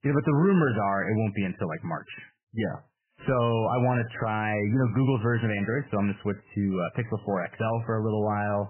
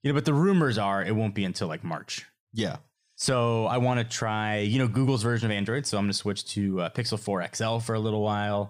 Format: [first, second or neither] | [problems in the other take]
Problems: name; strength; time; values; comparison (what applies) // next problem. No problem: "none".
second | garbled, watery; badly; nothing above 3 kHz